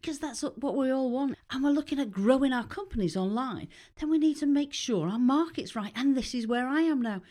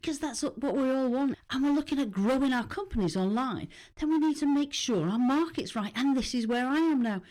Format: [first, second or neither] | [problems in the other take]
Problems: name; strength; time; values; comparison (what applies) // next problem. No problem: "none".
first | distortion; slight; 15% of the sound clipped